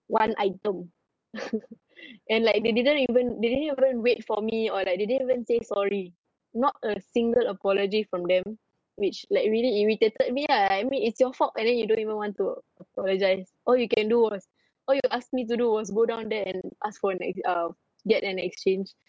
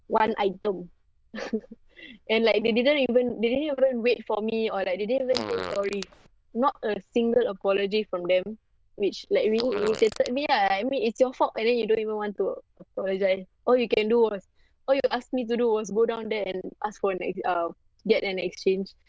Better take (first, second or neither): first